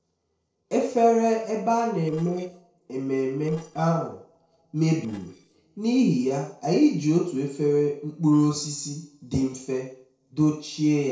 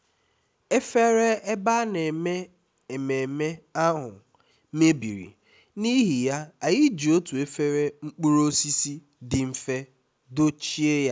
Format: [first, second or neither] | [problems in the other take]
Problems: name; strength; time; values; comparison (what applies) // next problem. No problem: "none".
second | noise reduction (neural separator model SepFormer DNS4)